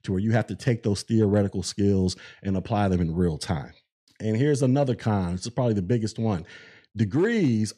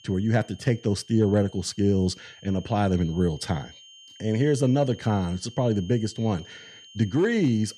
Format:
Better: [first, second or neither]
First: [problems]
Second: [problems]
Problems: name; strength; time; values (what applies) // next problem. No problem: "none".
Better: first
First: none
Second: high-pitched whine; faint; throughout; 3 kHz, 20 dB below the speech